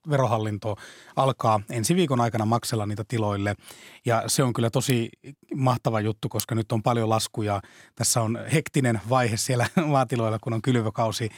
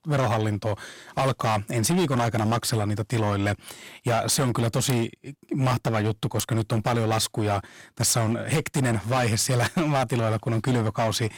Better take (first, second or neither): first